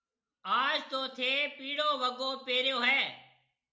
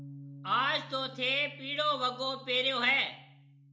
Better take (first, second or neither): first